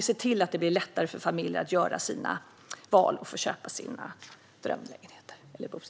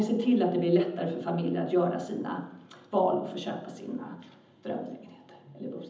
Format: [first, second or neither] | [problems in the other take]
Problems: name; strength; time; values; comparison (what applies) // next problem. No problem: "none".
first | room echo; dies away in 0.8 s